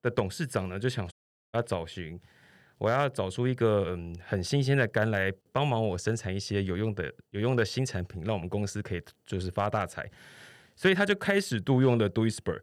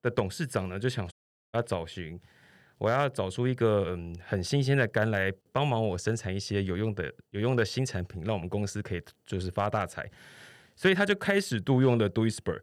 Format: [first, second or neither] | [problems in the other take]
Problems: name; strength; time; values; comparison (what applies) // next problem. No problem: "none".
neither | audio cutting out; at 1 s; the same in both